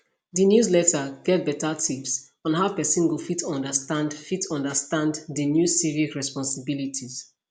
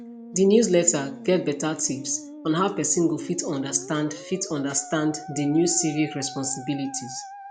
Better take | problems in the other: first | background sound (Musical instrument); 15 dB below the speech

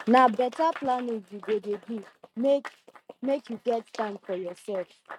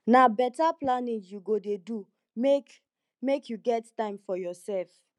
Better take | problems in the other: second | noise reduction (neural mask model RNNoise)

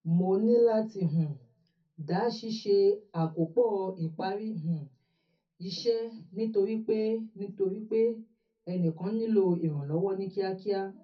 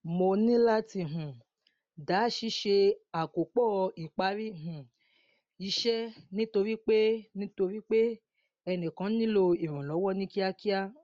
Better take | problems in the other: second | room echo; dies away in 0.3 s

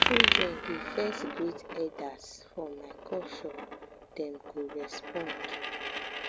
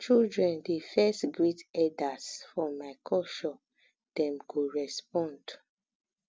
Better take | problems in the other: second | background sound (Coin (dropping)); 4 dB above the speech

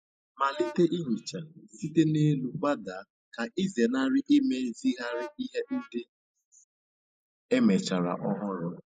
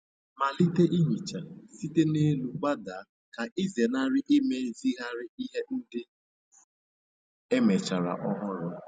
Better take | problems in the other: second | noise reduction (neural mask model Resemble Enhance denoiser)

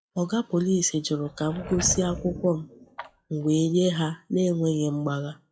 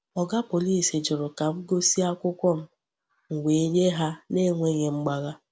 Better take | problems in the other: second | noise reduction (classical method WPE with log-MMSE)

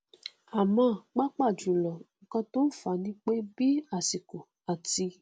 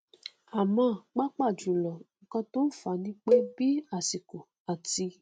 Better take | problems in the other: first | noise reduction (neural mask model RNNoise)

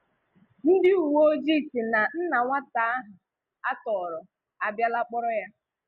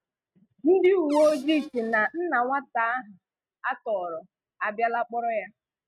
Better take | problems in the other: first | noise reduction (neural mask model RNNoise)

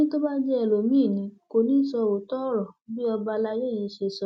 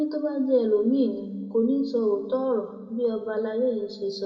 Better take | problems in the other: first | room echo; dies away in 1.4 s

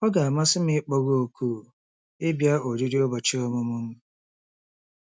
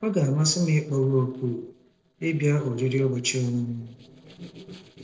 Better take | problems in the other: first | noise reduction (neural separator model SepFormer DNS4)

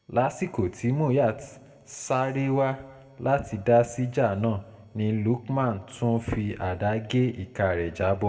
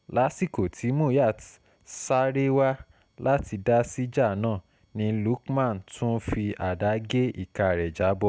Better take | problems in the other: second | room echo; dies away in 0.9 s

